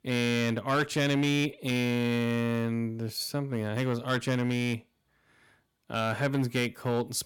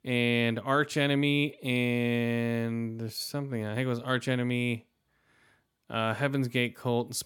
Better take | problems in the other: second | distortion; slight; 5% of the sound clipped

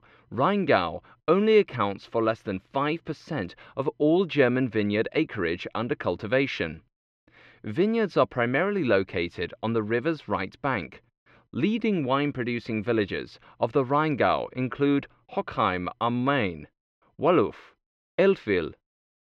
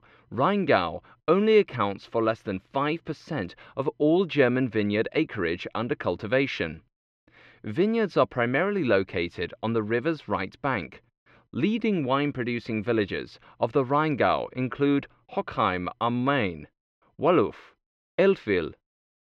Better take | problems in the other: neither | muffled; slightly; fading above 2.5 kHz; the same in both

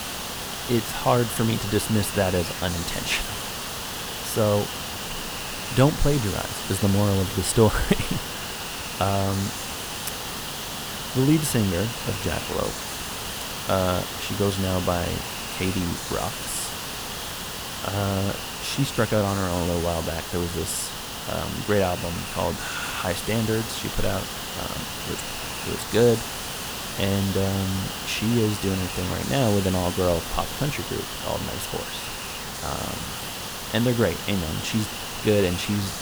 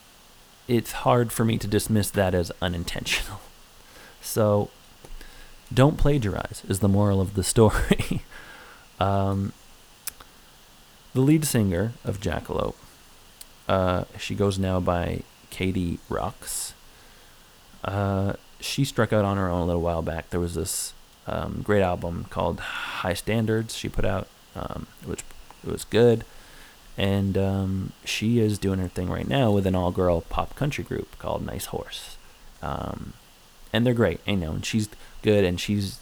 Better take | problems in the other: second | hiss; loud; throughout; 5 dB below the speech; faint in the second

